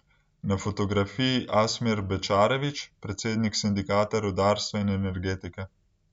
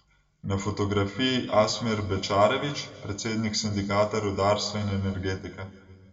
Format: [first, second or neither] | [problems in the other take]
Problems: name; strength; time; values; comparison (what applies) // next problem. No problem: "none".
first | room echo; dies away in 1.6 s